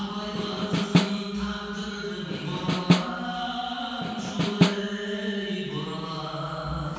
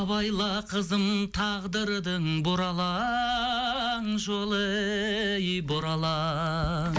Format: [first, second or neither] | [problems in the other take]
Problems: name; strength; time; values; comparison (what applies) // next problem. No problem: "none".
second | background sound (Snare drum); 4 dB above the speech // room echo; dies away in 2.1 s